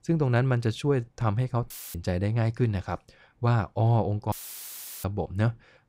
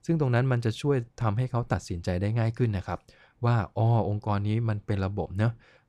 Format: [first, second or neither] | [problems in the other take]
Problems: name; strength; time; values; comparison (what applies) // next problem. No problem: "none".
second | audio cutting out; filled with static; at 1.5 s and at 4.5 s for 0.5 s